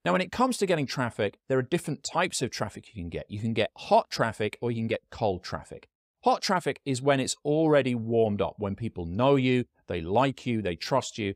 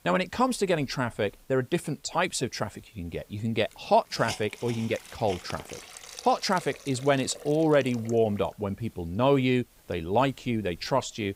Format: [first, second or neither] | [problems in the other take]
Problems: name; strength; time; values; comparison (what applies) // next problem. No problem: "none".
first | hiss; noticeable; throughout; 15 dB below the speech